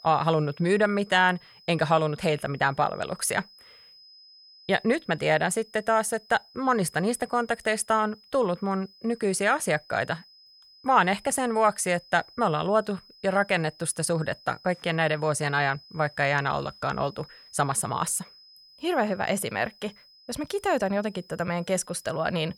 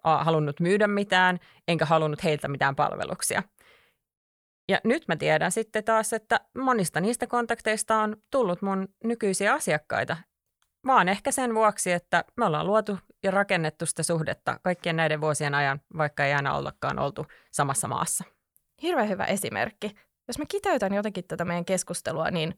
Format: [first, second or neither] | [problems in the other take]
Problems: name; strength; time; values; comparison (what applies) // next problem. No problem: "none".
second | high-pitched whine; faint; throughout; 5 kHz, 25 dB below the speech